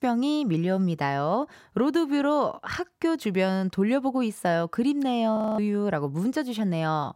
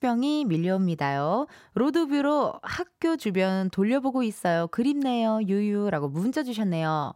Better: second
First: audio freezing; at 5.5 s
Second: none

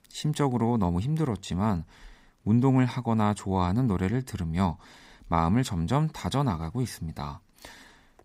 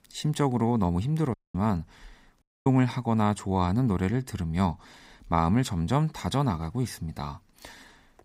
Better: first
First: none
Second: audio cutting out; at 1.5 s and at 2.5 s

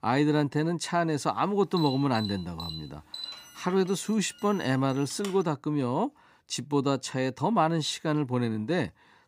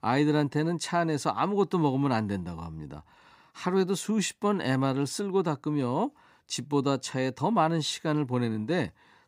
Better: second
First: alarm; noticeable; from 2 to 5.5 s; peak 9 dB below the speech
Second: none

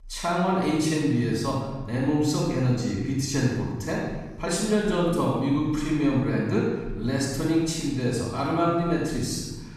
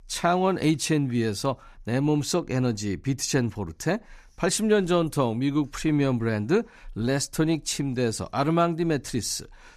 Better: second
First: off-mic speech; far // room echo; strong; dies away in 1.1 s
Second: none

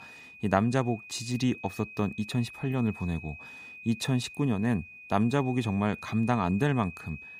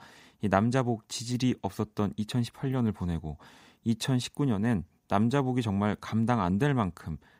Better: second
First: high-pitched whine; noticeable; throughout; 2.5 kHz, 15 dB below the speech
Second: none

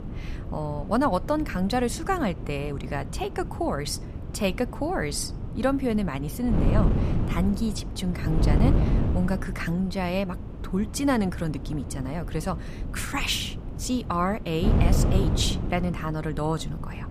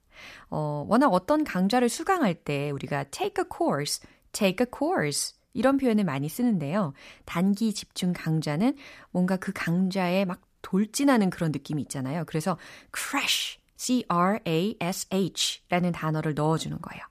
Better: second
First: wind noise on the microphone; heavy; 9 dB below the speech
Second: none

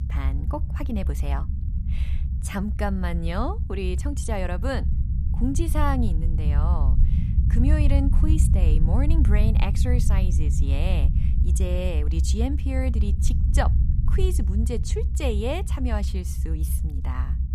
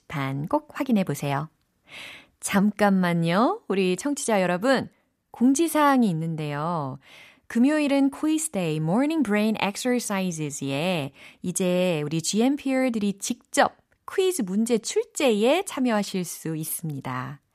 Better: second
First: low rumble; loud; throughout; 8 dB below the speech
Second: none

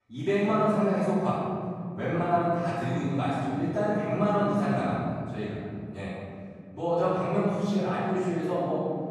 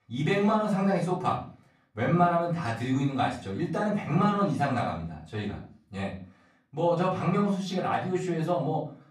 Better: second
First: room echo; strong; dies away in 2.9 s // off-mic speech; far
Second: room echo; slight; dies away in 0.4 s // off-mic speech; far

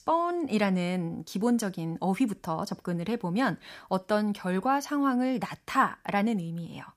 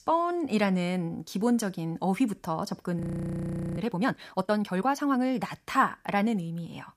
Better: first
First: none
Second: audio freezing; at 3 s for 1 s

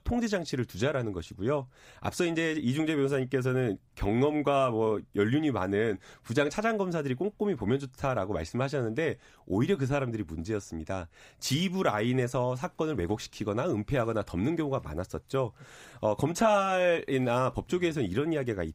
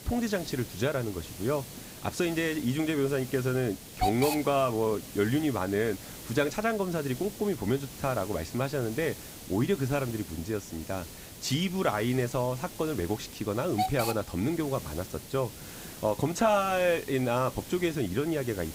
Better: first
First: none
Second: hiss; noticeable; throughout; 10 dB below the speech

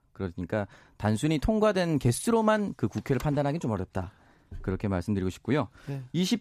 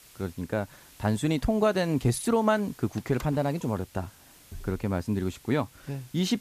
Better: first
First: none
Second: hiss; faint; throughout; 25 dB below the speech

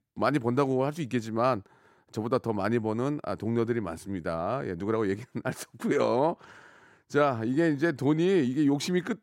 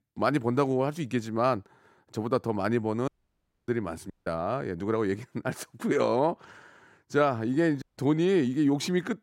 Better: first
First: none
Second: audio cutting out; at 3 s for 0.5 s, at 4 s and at 8 s

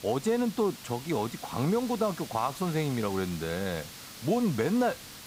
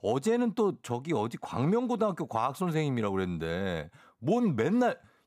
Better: second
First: hiss; noticeable; throughout; 15 dB below the speech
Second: none

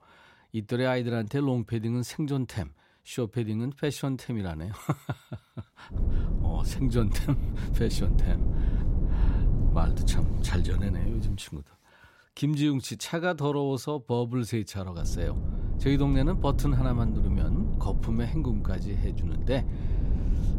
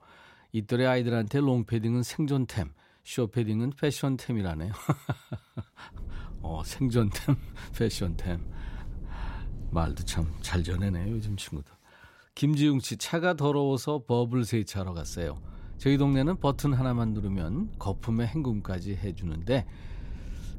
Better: second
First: low rumble; loud; from 6 to 11 s and from 15 s on; 9 dB below the speech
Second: low rumble; faint; from 6 to 11 s and from 15 s on; 25 dB below the speech

